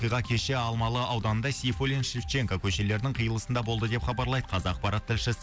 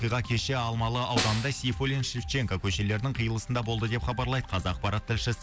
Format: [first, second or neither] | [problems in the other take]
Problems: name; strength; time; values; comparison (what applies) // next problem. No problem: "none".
first | background sound (Snare drum); 8 dB below the speech